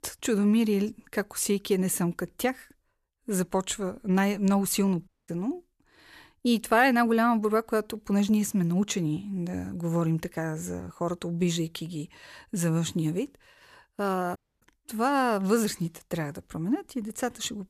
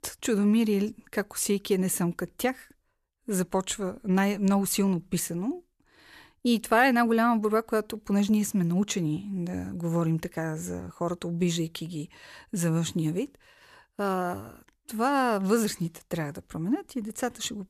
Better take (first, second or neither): second